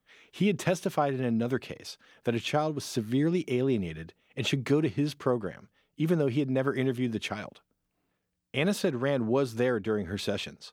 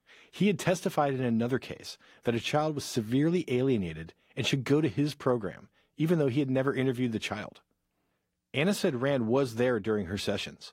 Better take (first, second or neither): first